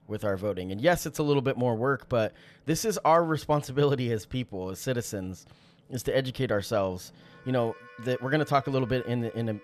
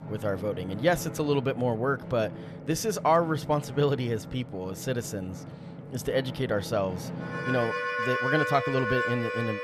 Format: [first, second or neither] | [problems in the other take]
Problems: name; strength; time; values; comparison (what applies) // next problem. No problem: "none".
first | background music; loud; throughout; 6 dB below the speech; faint in the first